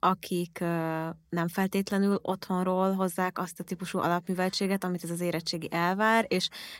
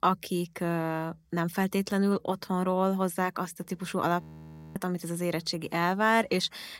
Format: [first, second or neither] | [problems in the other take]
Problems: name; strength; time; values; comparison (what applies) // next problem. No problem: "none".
first | audio freezing; at 4 s for 0.5 s